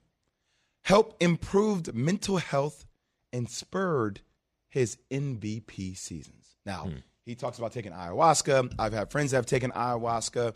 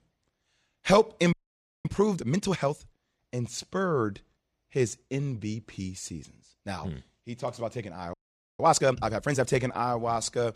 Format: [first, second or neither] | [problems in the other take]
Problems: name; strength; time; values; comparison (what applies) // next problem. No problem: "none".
first | audio freezing; at 1.5 s for 0.5 s and at 8 s